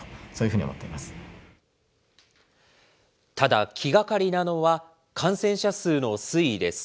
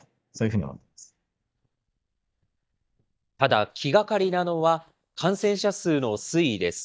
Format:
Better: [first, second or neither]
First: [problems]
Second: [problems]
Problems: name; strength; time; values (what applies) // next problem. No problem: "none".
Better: first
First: none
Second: noise reduction (neural mask model DeepFilterNet 3)